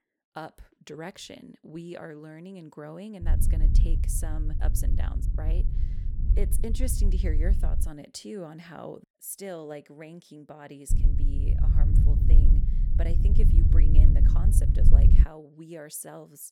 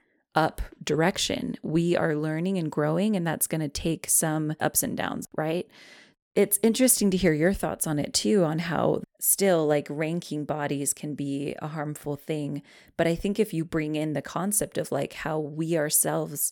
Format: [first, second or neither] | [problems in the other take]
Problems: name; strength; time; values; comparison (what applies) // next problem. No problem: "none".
second | low rumble; loud; from 3 to 8 s and from 11 to 15 s; 2 dB below the speech